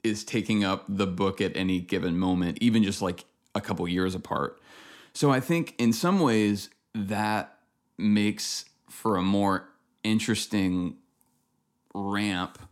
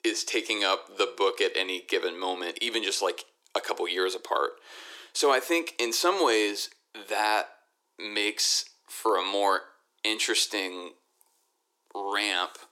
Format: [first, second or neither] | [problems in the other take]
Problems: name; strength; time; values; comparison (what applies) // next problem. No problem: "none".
first | thin; very; fading below 350 Hz